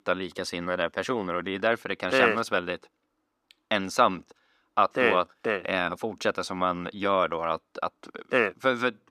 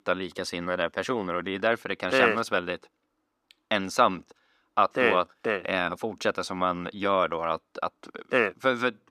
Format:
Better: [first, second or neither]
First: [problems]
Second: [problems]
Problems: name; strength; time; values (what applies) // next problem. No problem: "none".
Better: neither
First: thin; somewhat; fading below 300 Hz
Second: thin; somewhat; fading below 300 Hz